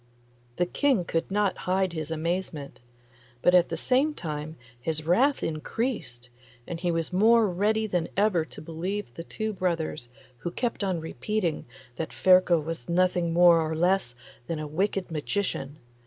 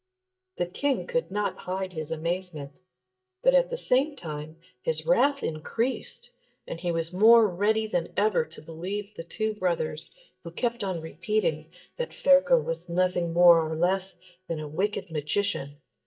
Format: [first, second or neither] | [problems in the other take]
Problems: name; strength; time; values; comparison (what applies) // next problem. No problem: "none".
first | noise reduction (neural mask model DeepFilterNet 3)